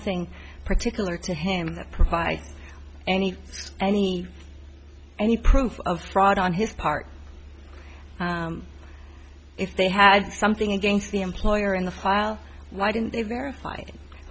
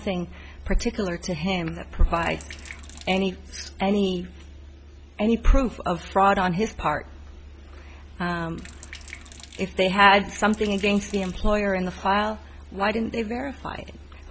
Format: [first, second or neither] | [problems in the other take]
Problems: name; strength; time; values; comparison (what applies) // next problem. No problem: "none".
first | background sound (Sink (filling or washing)); 19 dB below the speech